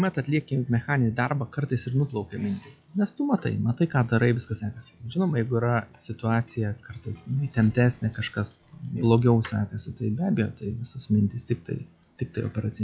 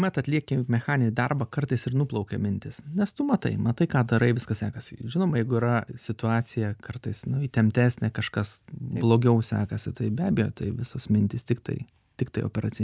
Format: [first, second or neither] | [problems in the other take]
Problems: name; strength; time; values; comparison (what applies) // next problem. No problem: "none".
second | noise reduction (classical method log-MMSE)